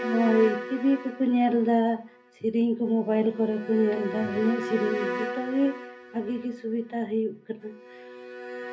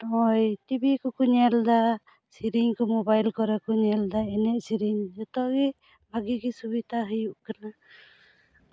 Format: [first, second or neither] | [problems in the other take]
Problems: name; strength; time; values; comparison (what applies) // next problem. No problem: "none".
second | background sound (Bowed string instrument); 10 dB below the speech // room echo; dies away in 0.3 s